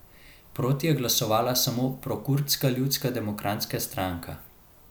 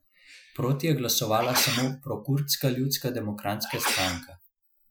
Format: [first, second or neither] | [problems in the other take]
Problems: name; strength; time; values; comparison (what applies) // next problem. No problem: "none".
first | noise reduction (classical method Wiener filter)